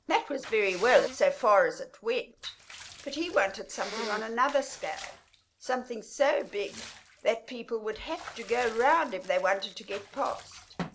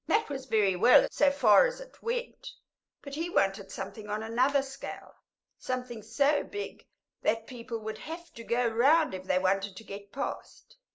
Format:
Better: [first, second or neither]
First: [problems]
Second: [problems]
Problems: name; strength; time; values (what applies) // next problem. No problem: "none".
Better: second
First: background sound (Sneeze + Bathtub (filling or washing) / Water / Liquid); 16 dB below the speech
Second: none